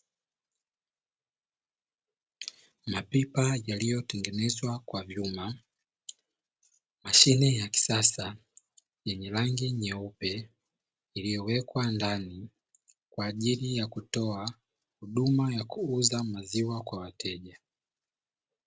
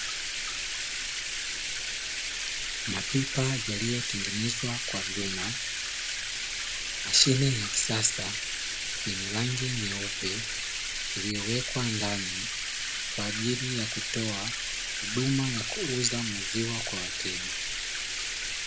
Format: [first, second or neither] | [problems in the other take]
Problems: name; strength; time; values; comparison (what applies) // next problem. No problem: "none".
first | background sound (Bathtub (filling or washing)); as loud as the speech